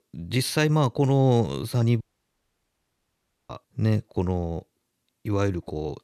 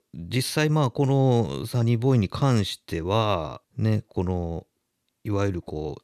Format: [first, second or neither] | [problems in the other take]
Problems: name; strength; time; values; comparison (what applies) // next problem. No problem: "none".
second | audio cutting out; at 2 s for 1.5 s